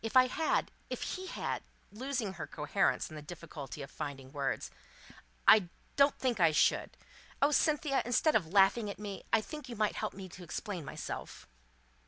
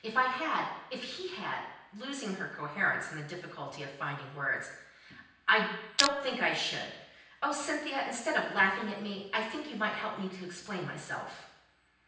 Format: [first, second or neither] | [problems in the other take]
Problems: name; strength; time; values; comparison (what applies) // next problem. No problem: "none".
first | background sound (Crushing); 4 dB above the speech // room echo; dies away in 0.9 s